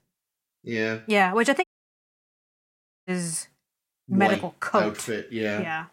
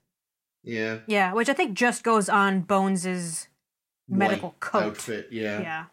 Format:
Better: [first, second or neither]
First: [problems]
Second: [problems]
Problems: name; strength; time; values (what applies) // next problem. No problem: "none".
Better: second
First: audio cutting out; at 1.5 s for 1.5 s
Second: none